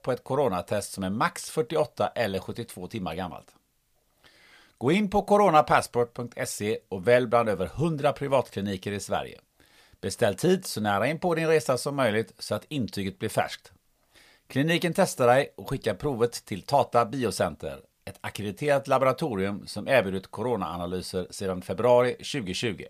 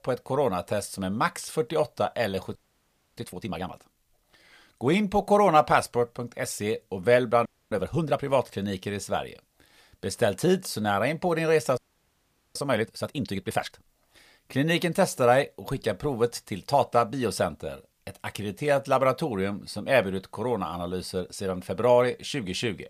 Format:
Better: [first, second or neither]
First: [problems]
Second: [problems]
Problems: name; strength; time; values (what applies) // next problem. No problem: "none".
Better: first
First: none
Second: audio freezing; at 2.5 s for 0.5 s, at 7.5 s and at 12 s for 1 s